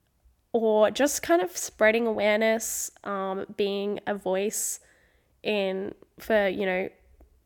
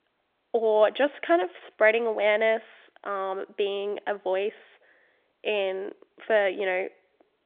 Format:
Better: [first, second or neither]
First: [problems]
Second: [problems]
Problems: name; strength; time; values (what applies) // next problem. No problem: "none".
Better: first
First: none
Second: phone-call audio; nothing above 3.5 kHz